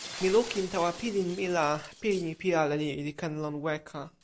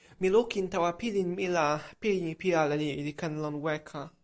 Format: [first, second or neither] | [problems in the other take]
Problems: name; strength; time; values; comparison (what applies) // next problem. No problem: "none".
second | background sound (Shatter); 16 dB below the speech